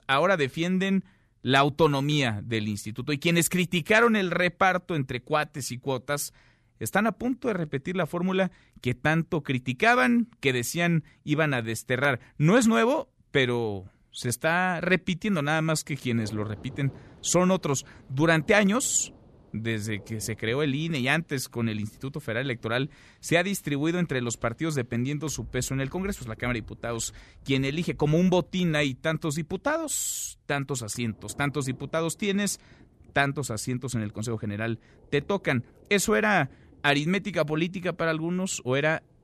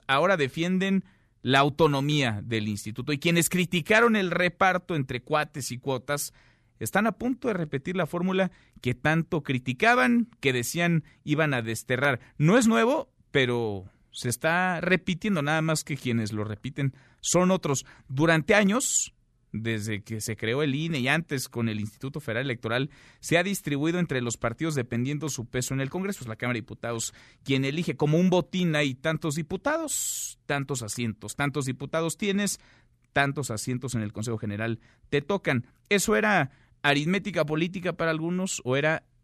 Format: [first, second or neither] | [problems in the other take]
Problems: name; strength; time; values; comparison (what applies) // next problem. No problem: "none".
second | rain or running water; faint; from 16 s on; 25 dB below the speech